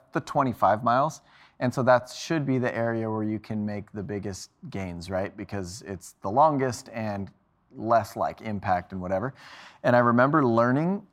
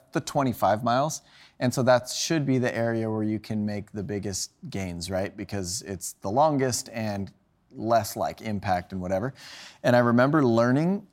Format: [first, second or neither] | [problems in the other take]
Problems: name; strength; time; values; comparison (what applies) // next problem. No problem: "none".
second | muffled; slightly; fading above 4 kHz